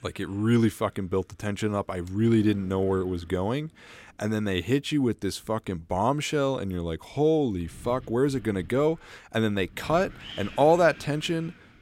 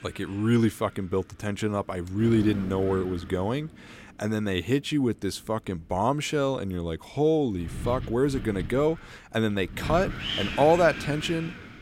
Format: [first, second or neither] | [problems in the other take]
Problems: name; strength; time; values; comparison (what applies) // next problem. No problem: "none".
first | wind noise on the microphone; heavy; 9 dB below the speech; occasional gusts in the first